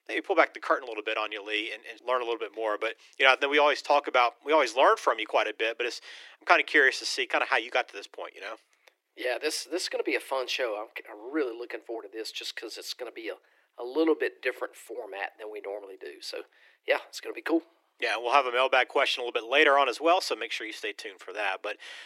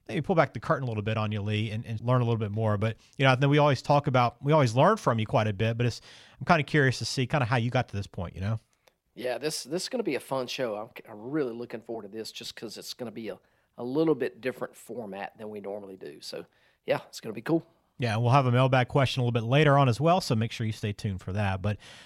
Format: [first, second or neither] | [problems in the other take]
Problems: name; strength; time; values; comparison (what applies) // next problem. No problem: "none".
second | thin; very; fading below 300 Hz